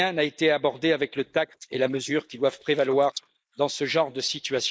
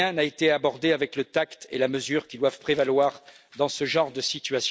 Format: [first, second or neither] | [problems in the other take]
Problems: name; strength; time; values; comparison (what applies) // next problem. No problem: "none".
second | noise reduction (neural mask model Resemble Enhance denoiser)